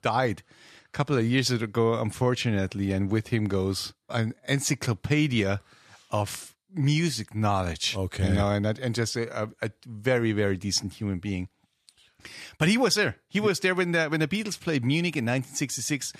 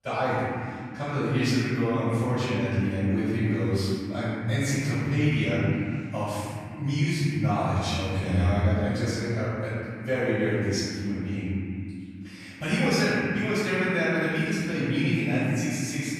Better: first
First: none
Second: off-mic speech; far // room echo; strong; dies away in 2.6 s

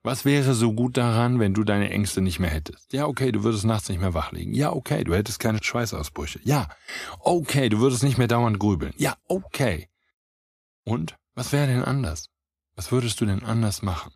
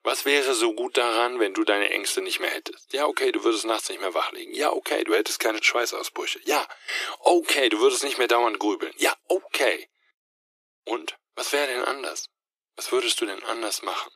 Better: first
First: none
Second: thin; very; fading below 300 Hz

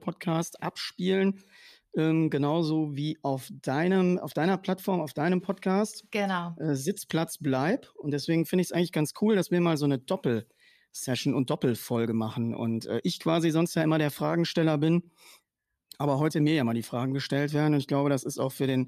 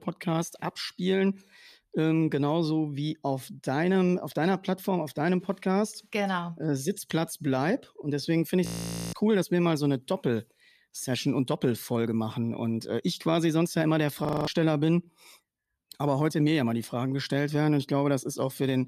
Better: first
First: none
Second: audio freezing; at 8.5 s and at 14 s

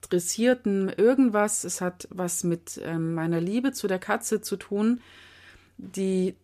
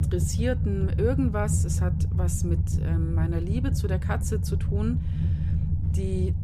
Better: first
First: none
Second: low rumble; loud; throughout; 6 dB below the speech

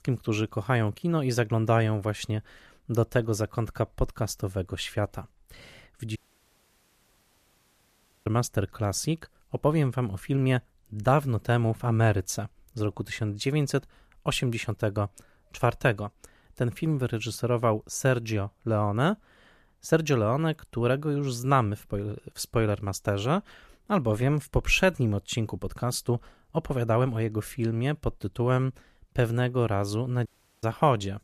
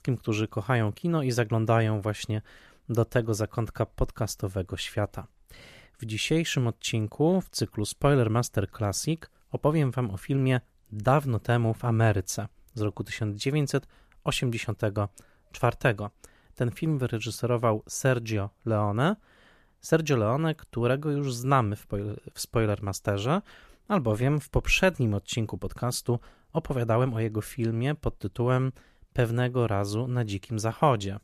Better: second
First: audio cutting out; at 6 s for 2 s and at 30 s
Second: none

